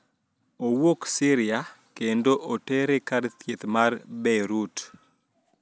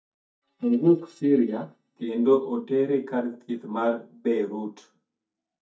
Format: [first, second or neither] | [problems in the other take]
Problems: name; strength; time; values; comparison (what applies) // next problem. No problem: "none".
first | noise reduction (neural mask model DeepFilterNet 3)